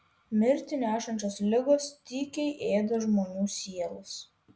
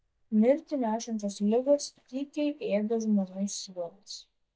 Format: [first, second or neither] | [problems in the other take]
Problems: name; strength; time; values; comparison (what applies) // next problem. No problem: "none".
first | noise reduction (neural mask model DeepFilterNet 3)